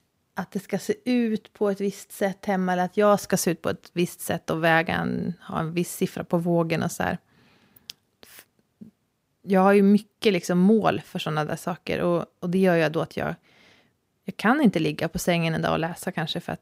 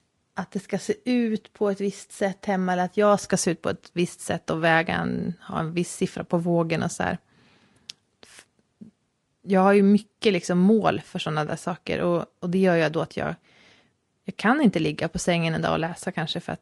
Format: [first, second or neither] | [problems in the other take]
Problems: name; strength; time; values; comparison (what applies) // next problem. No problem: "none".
first | garbled, watery; slightly; nothing above 11 kHz